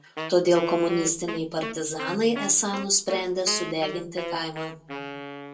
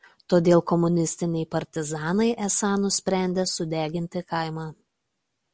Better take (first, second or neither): second